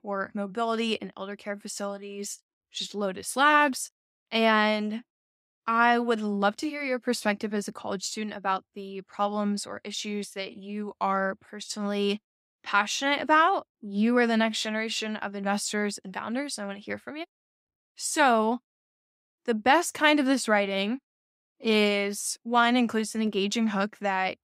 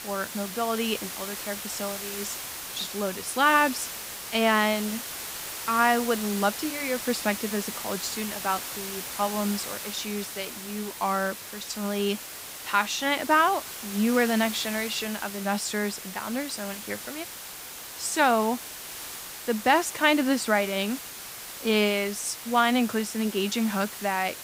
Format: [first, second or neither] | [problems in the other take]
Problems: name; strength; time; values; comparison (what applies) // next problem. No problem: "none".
first | hiss; loud; throughout; 8 dB below the speech